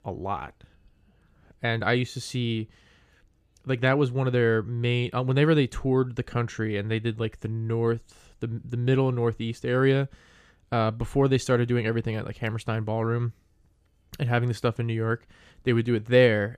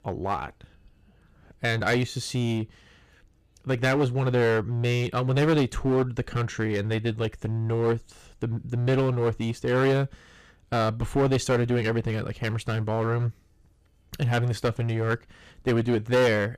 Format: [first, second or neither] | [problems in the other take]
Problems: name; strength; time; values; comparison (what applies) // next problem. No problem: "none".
first | distortion; heavy; 10% of the sound clipped